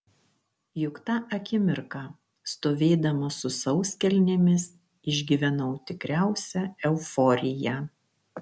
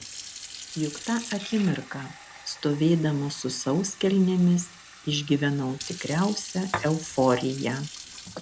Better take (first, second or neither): first